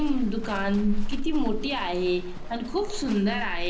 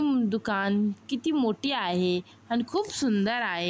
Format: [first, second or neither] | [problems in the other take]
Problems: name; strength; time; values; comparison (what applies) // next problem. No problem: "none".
second | background sound (Livestock, farm animals, working animals); 1 dB below the speech // room echo; dies away in 0.5 s